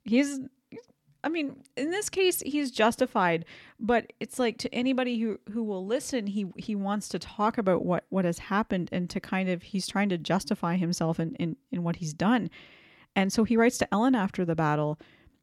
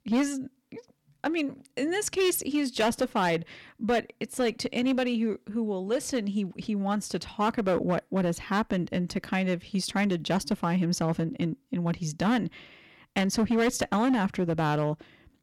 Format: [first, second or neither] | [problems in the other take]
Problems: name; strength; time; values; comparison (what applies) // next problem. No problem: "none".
first | distortion; slight; 6% of the sound clipped